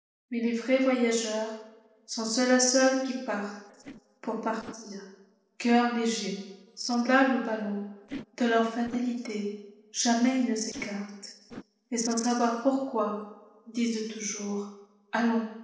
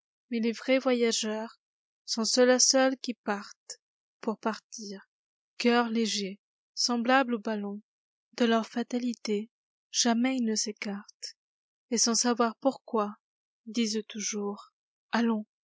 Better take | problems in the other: second | noise reduction (neural separator model SepFormer DNS4)

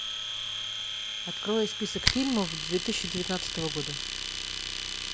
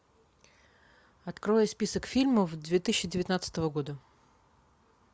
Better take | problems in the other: second | background sound (Domestic sounds, home sounds); as loud as the speech

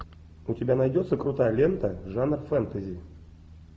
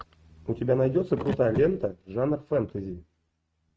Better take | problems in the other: first | noise reduction (neural mask model RNNoise)

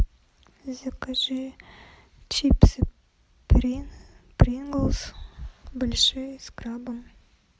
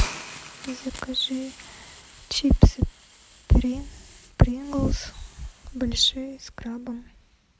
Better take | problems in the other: first | background sound (Hiss); 19 dB below the speech

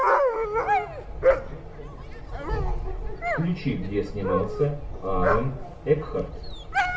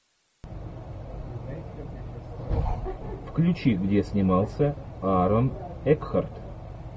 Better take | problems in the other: second | background sound (Dog); 2 dB above the speech // room echo; dies away in 0.4 s

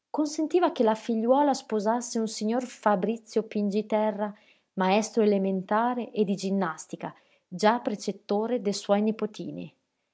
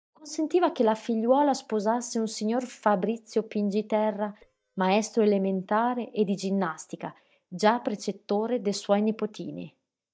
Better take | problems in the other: first | noise reduction (neural mask model DeepFilterNet 3)

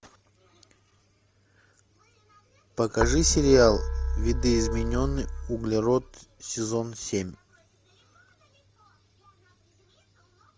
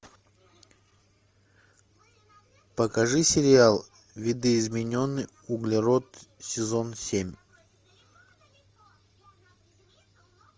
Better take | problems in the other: second | background sound (Keyboard (musical)); 1 dB below the speech

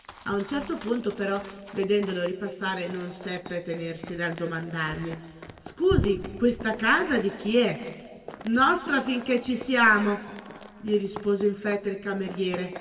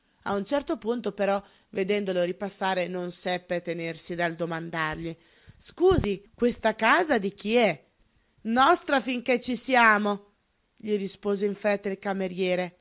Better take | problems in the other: second | background sound (Run); 19 dB below the speech // room echo; dies away in 1.8 s

